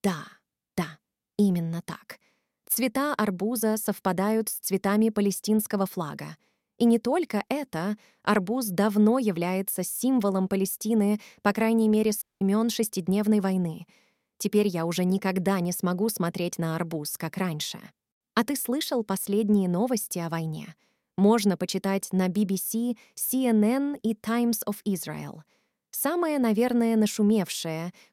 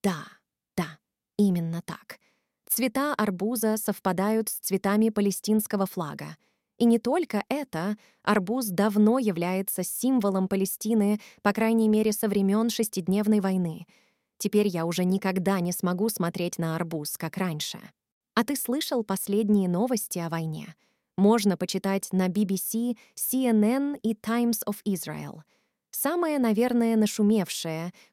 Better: second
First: audio cutting out; at 12 s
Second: none

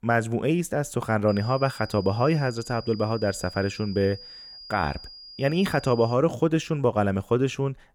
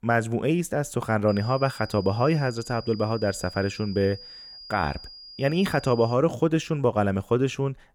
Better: neither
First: high-pitched whine; noticeable; from 1.5 to 6 s; 5 kHz, 15 dB below the speech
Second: high-pitched whine; noticeable; from 1.5 to 6 s; 5 kHz, 15 dB below the speech

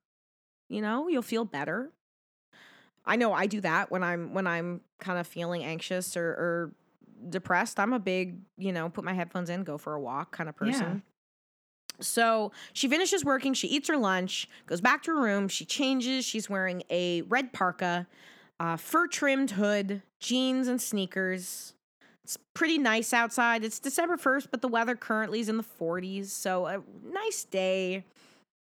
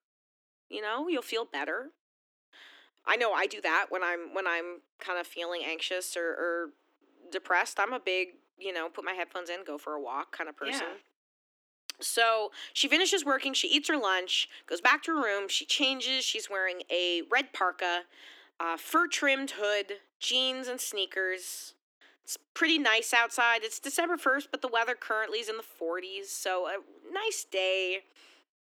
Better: first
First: none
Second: thin; somewhat; fading below 300 Hz

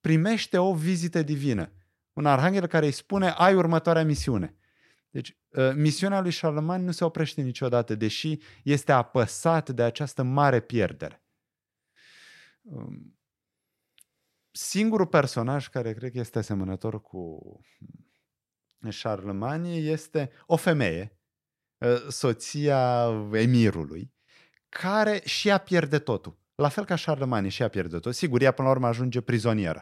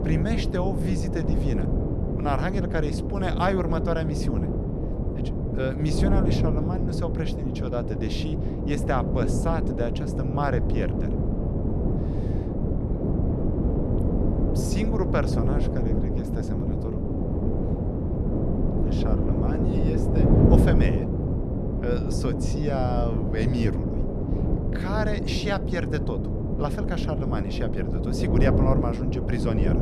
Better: first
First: none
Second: wind noise on the microphone; heavy; 1 dB below the speech

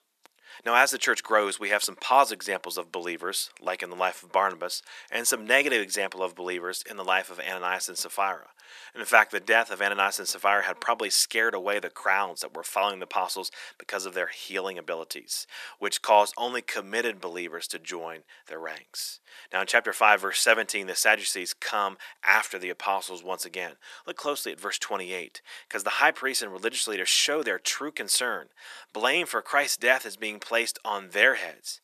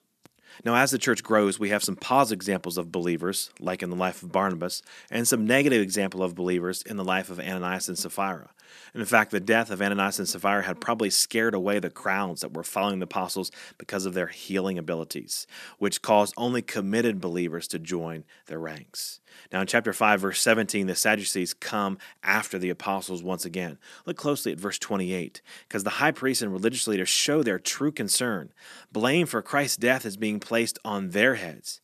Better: second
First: thin; very; fading below 600 Hz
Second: none

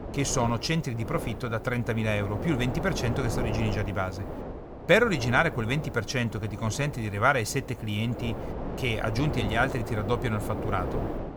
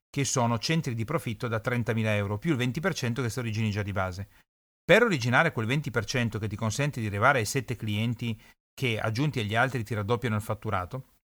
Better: second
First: wind noise on the microphone; heavy; 9 dB below the speech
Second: none

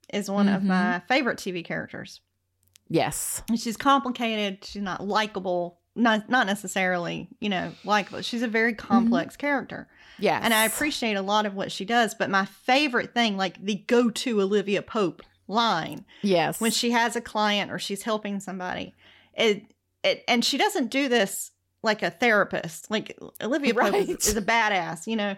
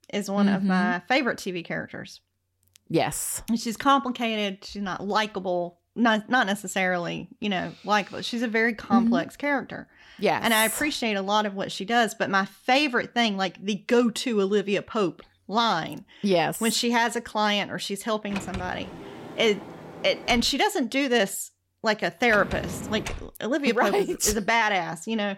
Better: first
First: none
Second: door banging; noticeable; from 18 to 23 s; peak 9 dB below the speech

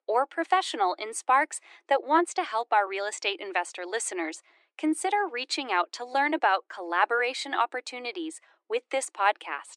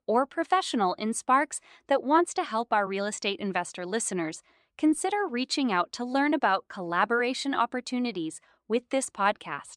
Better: second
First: thin; somewhat; fading below 300 Hz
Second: none

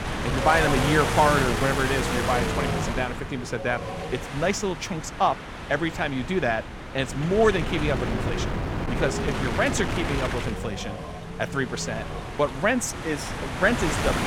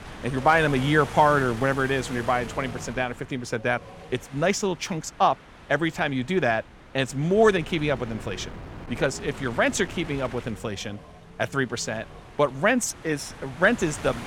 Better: second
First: wind noise on the microphone; heavy; 4 dB below the speech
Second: wind noise on the microphone; occasional gusts; 15 dB below the speech

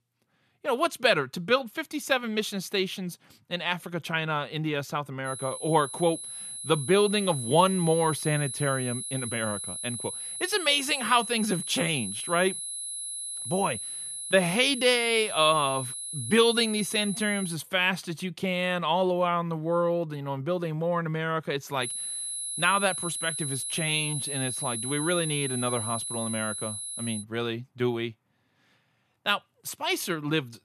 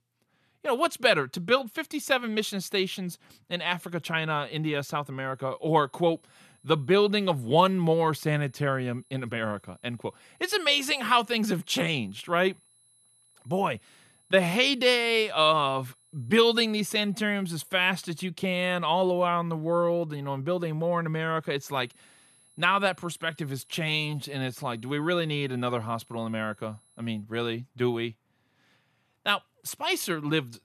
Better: second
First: high-pitched whine; loud; from 5.5 to 18 s and from 22 to 27 s; 10.5 kHz, 5 dB below the speech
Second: high-pitched whine; faint; from 5.5 to 18 s and from 22 to 27 s; 10.5 kHz, 35 dB below the speech

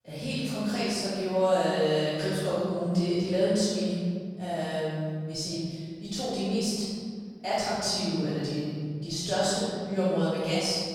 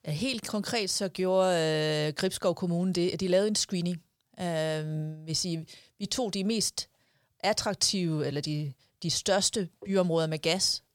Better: second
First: room echo; strong; dies away in 1.8 s // off-mic speech; far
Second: none

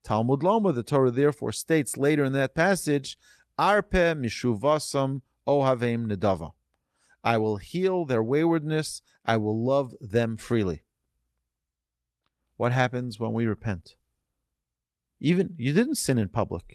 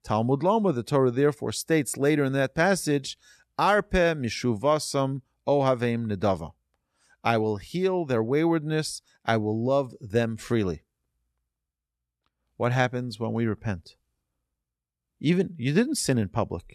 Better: second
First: garbled, watery; slightly; nothing above 13.5 kHz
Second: none

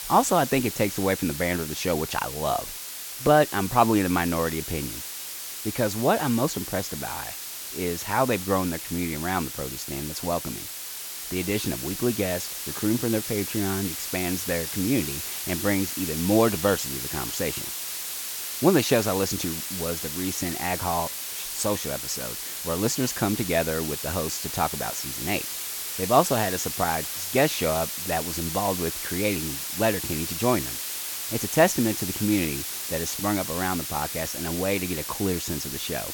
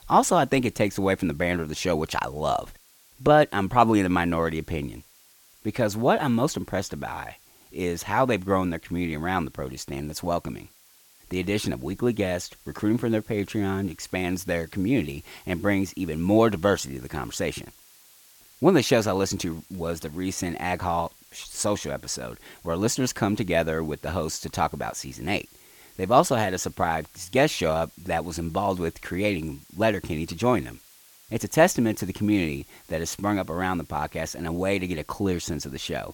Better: second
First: hiss; loud; throughout; 4 dB below the speech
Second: hiss; faint; throughout; 25 dB below the speech

